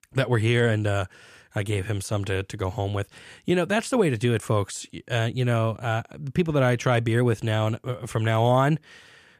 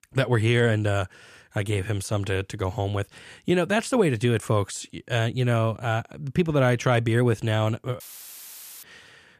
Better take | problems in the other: first | audio cutting out; filled with static; at 8 s for 1 s

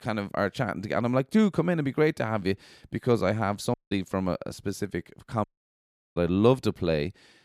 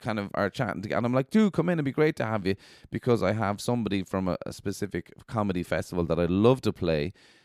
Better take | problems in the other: second | audio cutting out; at 3.5 s and at 5.5 s for 0.5 s

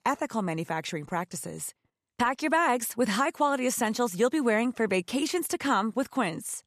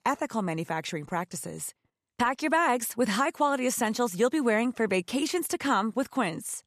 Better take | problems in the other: neither | none

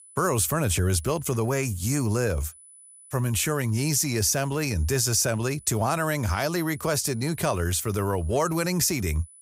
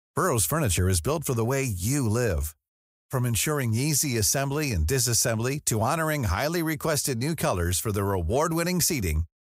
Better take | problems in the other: second | high-pitched whine; faint; throughout; 10 kHz, 25 dB below the speech

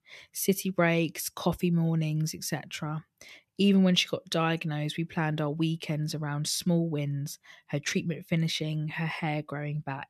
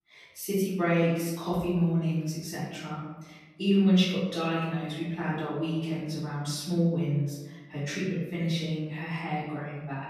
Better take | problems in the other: first | off-mic speech; far // room echo; noticeable; dies away in 1.1 s

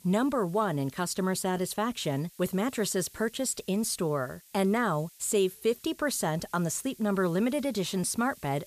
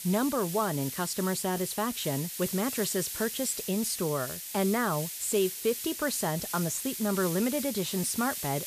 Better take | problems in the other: first | hiss; loud; throughout; 5 dB below the speech; faint in the first

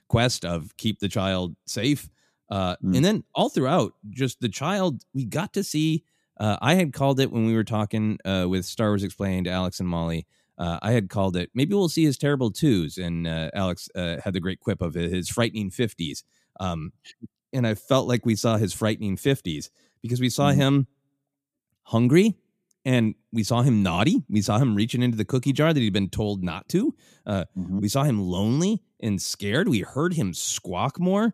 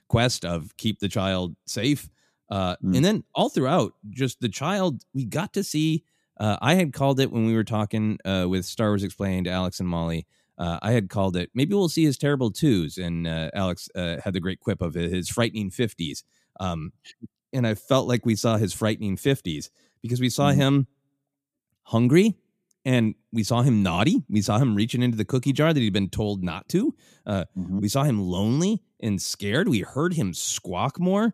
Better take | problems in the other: neither | none

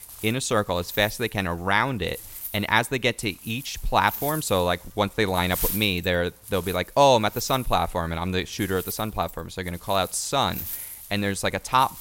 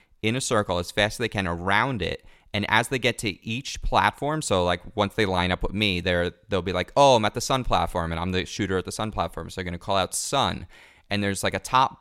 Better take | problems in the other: second | wind noise on the microphone; occasional gusts; 20 dB below the speech

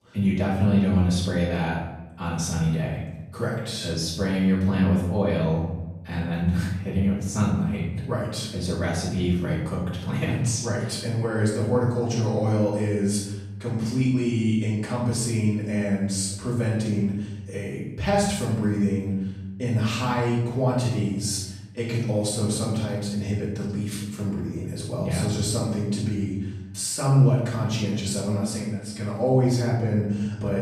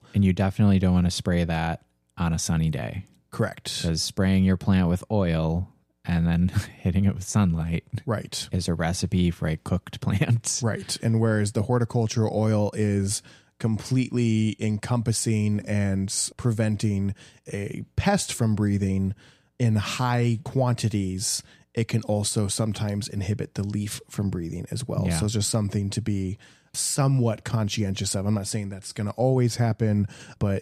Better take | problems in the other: second | off-mic speech; far // room echo; noticeable; dies away in 0.9 s

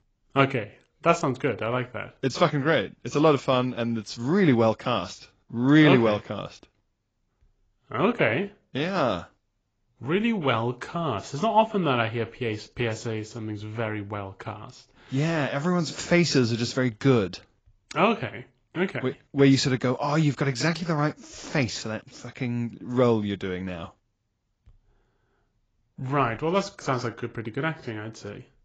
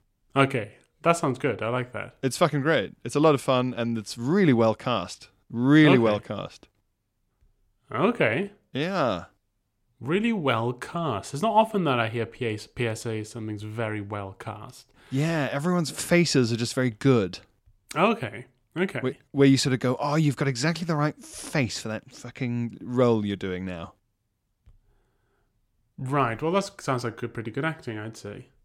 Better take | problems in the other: second | garbled, watery; badly; nothing above 7.5 kHz

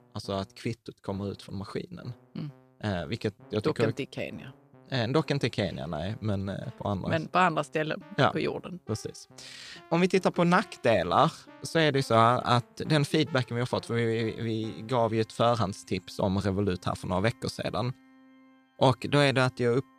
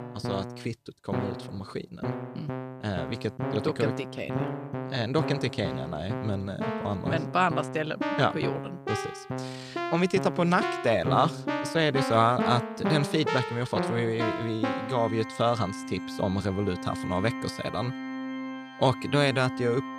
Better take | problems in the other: first | background music; loud; throughout; 5 dB below the speech; faint in the first

